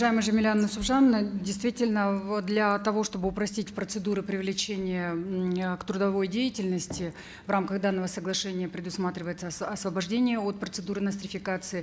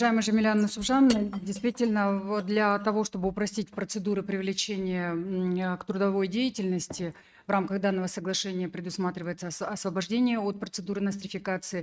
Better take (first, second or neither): first